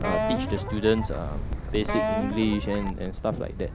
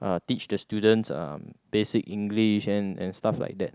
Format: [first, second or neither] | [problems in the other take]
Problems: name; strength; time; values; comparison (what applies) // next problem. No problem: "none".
second | background sound (Wind + Wind instrument, woodwind instrument); 1 dB below the speech